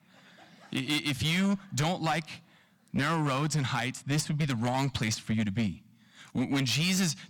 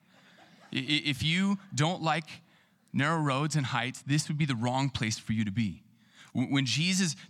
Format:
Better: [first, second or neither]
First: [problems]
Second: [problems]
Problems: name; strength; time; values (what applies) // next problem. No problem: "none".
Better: second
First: distortion; slight; 11% of the sound clipped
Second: none